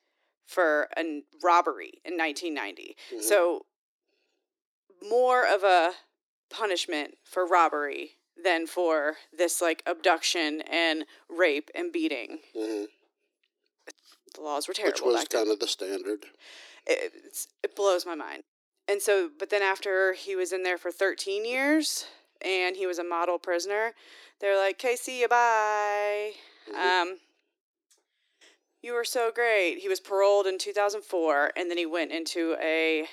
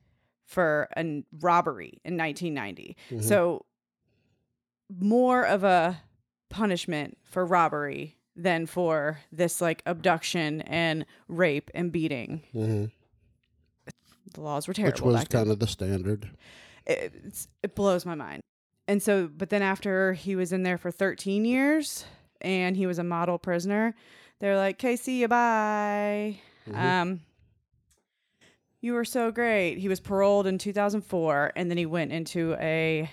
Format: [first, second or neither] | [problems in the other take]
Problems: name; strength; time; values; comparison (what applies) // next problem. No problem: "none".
second | thin; very; fading below 300 Hz